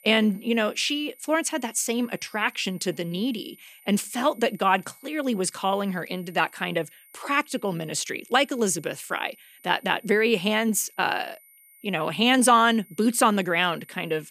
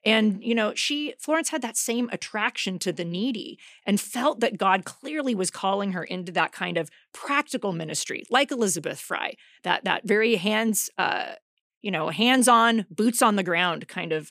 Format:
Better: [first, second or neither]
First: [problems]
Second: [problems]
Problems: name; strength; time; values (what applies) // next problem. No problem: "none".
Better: second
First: high-pitched whine; faint; throughout; 12 kHz, 25 dB below the speech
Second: none